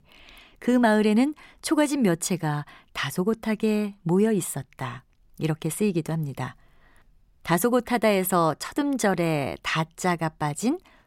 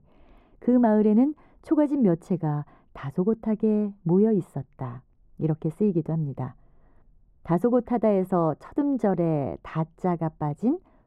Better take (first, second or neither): first